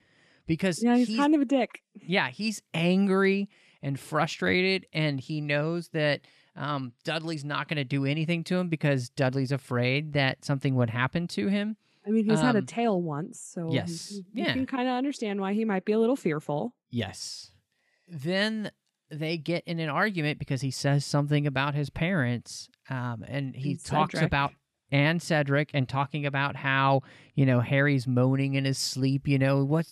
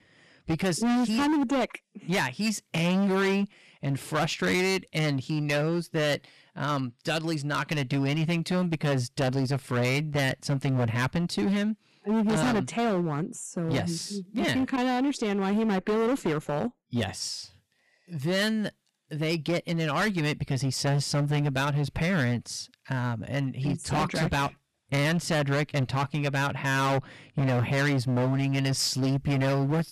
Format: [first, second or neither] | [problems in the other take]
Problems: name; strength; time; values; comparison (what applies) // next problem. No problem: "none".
first | distortion; heavy; 19% of the sound clipped